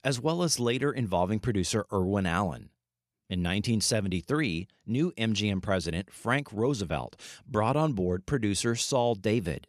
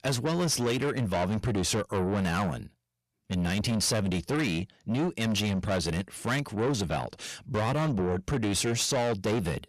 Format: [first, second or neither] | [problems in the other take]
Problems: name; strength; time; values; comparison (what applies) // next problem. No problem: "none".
first | distortion; heavy; 6 dB below the speech